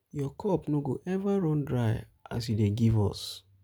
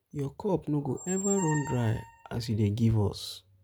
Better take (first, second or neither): first